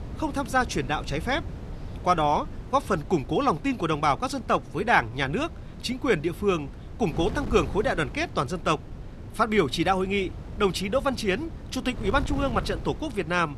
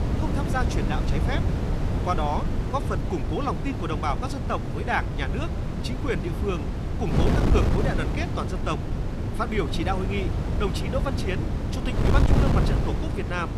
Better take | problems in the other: first | wind noise on the microphone; heavy; 3 dB below the speech; occasional gusts in the first

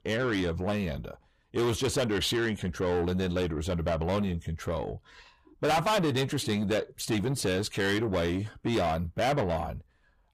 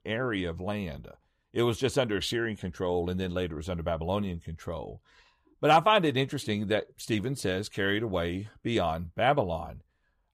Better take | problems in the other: second | distortion; heavy; 6 dB below the speech

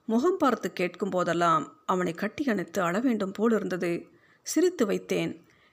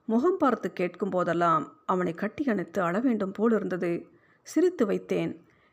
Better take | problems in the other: first | muffled; slightly; fading above 2.5 kHz

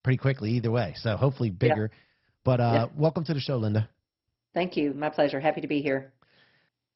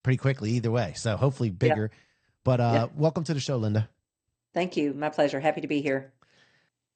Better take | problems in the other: second | garbled, watery; badly; nothing above 5.5 kHz; slightly in the second

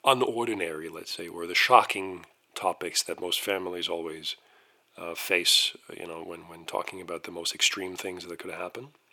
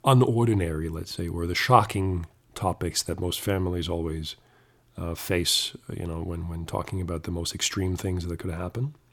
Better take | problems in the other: second | thin; very; fading below 500 Hz

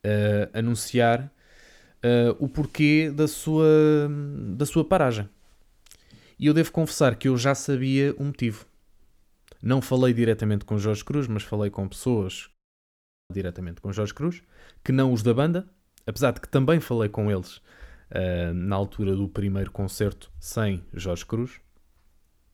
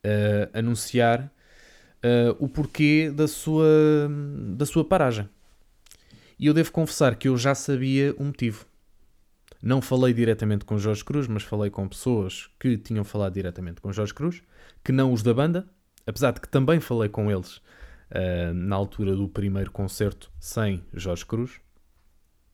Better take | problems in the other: second | audio cutting out; at 13 s for 1 s

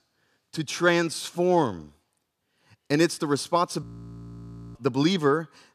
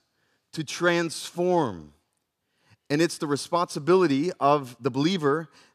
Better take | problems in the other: second | audio freezing; at 4 s for 1 s

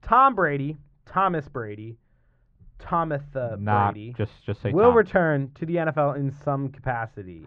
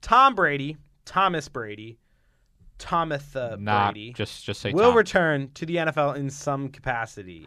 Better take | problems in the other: second | muffled; very; fading above 1.5 kHz

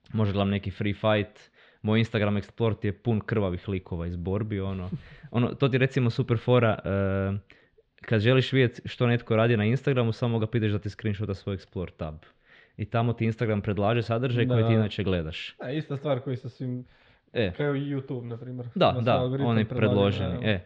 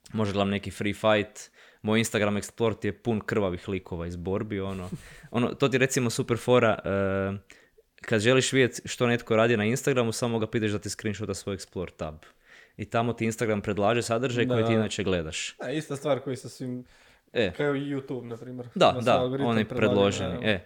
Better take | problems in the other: second | muffled; slightly; fading above 4 kHz

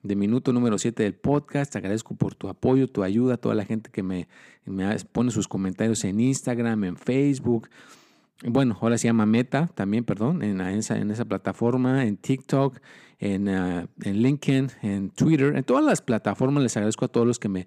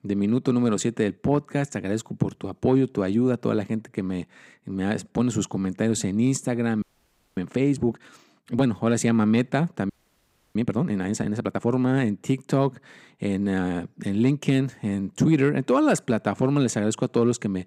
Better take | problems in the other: first | audio freezing; at 7 s for 0.5 s and at 10 s for 0.5 s

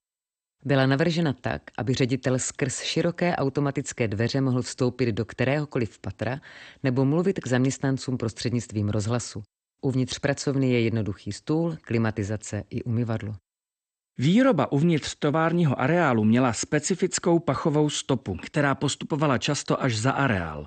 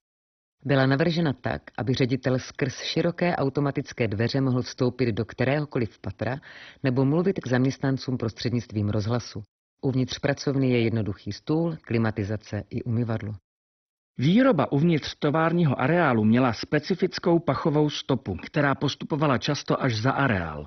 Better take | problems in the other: first | garbled, watery; badly; nothing above 6 kHz; slightly in the first

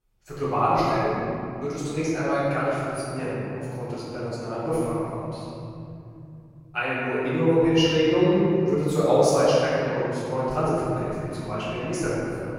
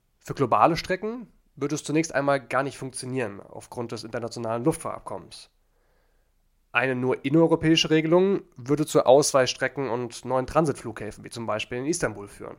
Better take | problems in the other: second | off-mic speech; far // room echo; strong; dies away in 3 s

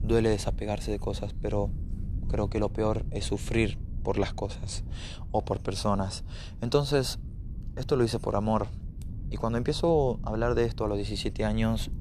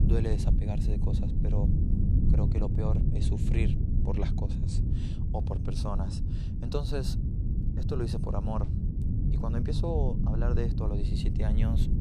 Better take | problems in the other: first | low rumble; loud; throughout; 2 dB below the speech; faint in the first

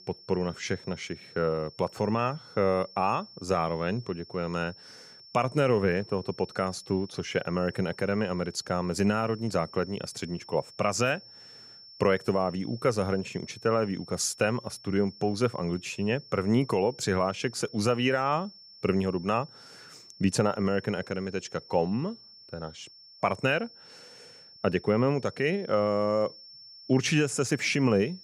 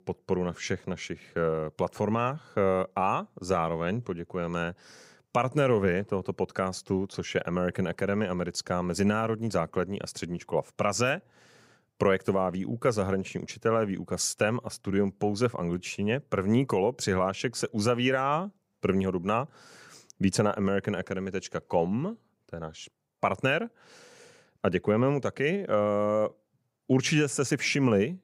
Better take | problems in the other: second | high-pitched whine; noticeable; throughout; 5.5 kHz, 20 dB below the speech

